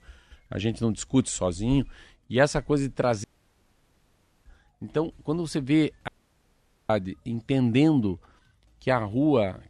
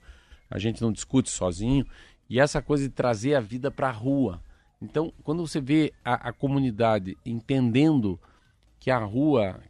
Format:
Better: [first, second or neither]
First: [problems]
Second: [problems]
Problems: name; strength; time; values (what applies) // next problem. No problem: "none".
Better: second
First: audio cutting out; at 3 s for 1 s and at 6 s for 1 s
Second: none